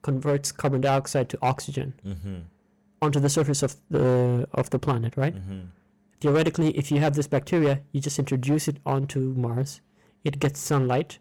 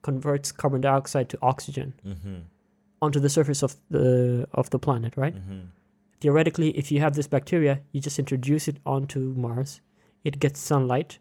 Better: second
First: distortion; slight; 6% of the sound clipped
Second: none

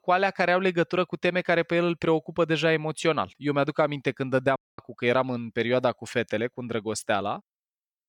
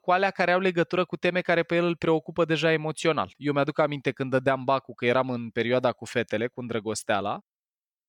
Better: second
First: audio cutting out; at 4.5 s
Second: none

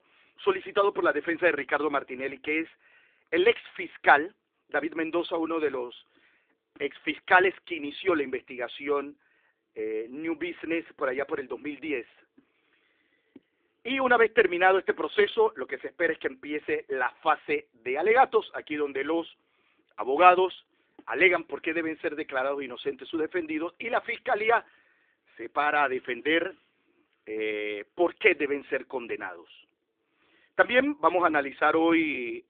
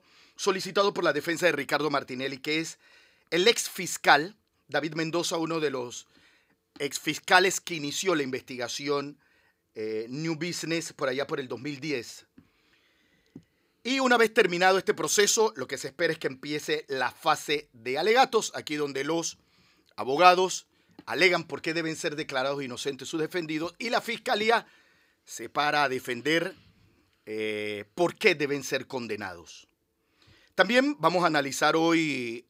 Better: second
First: phone-call audio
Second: none

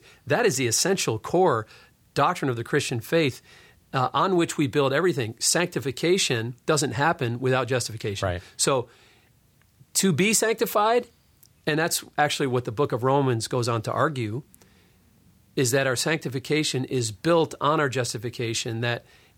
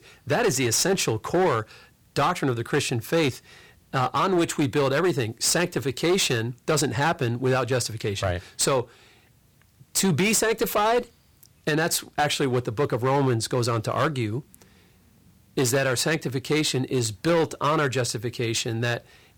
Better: first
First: none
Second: distortion; slight; 9% of the sound clipped

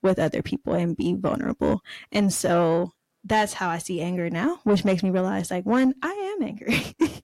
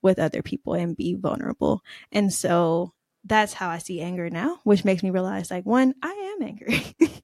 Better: second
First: distortion; slight; 10 dB below the speech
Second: none

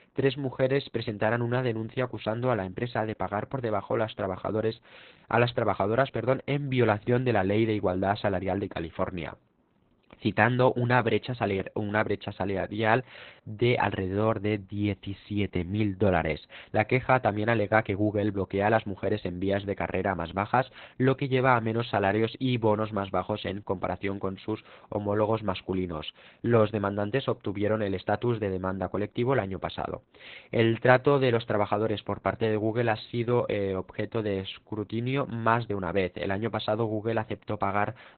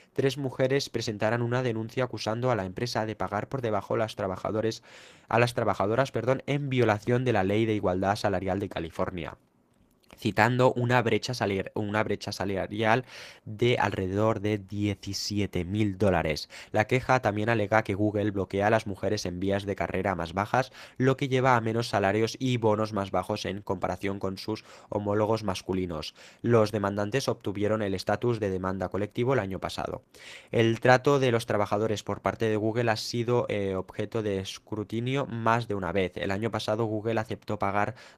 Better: second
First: garbled, watery; badly; nothing above 4 kHz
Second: garbled, watery; slightly; nothing above 14.5 kHz

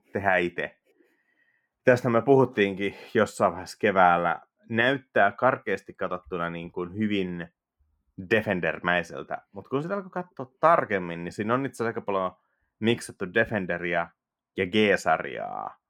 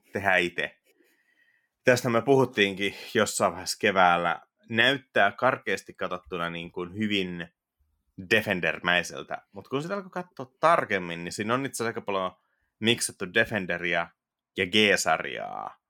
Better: second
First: muffled; slightly; fading above 2.5 kHz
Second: none

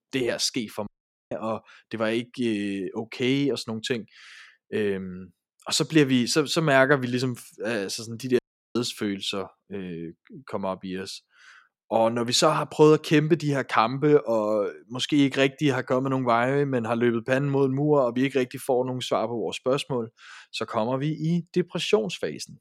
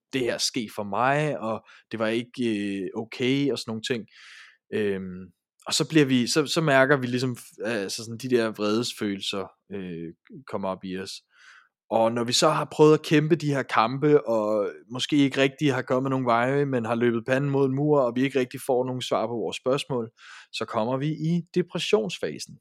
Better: second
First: audio cutting out; at 1 s and at 8.5 s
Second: none

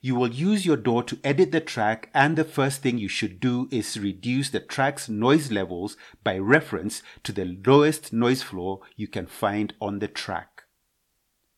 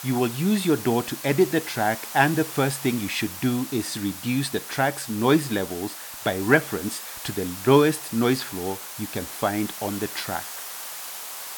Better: first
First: none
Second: hiss; loud; throughout; 10 dB below the speech

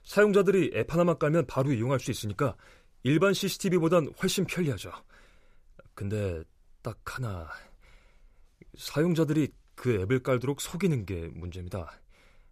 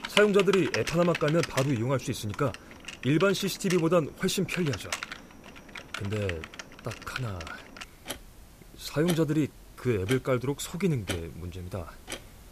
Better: first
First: none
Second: household noises; loud; throughout; 10 dB below the speech

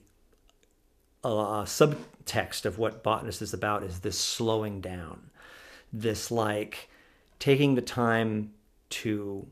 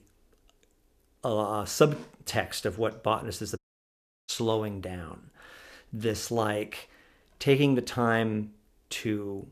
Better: first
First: none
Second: audio cutting out; at 3.5 s for 0.5 s

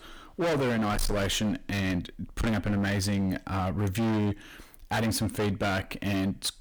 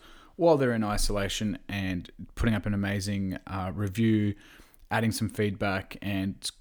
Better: second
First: distortion; heavy; 27% of the sound clipped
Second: none

